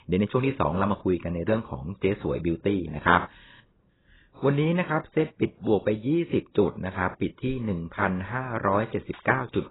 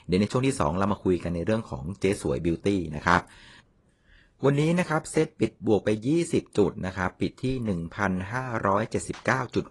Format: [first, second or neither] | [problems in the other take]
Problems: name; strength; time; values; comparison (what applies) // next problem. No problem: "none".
second | garbled, watery; badly; nothing above 4 kHz; slightly in the second